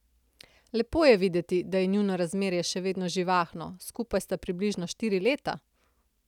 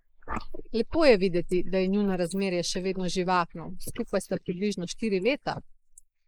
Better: first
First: none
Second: noise reduction (neural mask model Resemble Enhance denoiser)

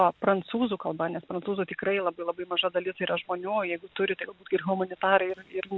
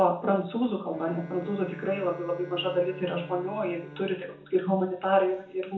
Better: first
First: none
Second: background sound (Bowed string instrument); 18 dB below the speech // room echo; dies away in 0.5 s

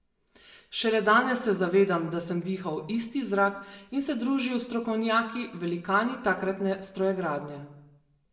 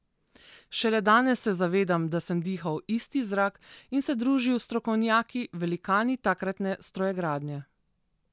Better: second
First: room echo; dies away in 0.6 s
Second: none

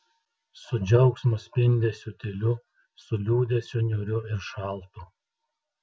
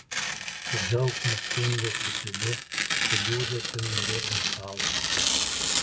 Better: first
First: none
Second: background sound (Tearing); 4 dB above the speech

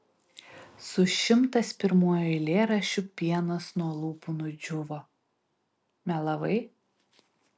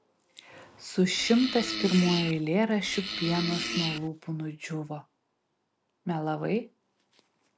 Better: first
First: none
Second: background sound (Fart); 4 dB below the speech

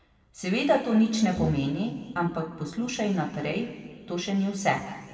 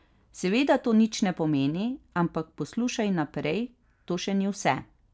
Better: second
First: background sound (Brass instrument); 6 dB below the speech // room echo; dies away in 1.9 s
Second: none

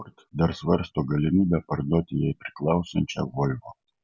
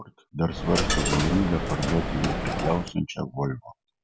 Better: first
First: none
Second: background sound (Coin (dropping)); 1 dB above the speech

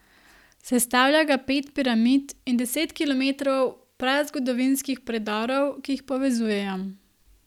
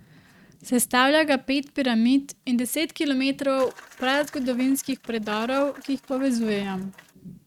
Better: first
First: none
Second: noise reduction (neural mask model RNNoise)

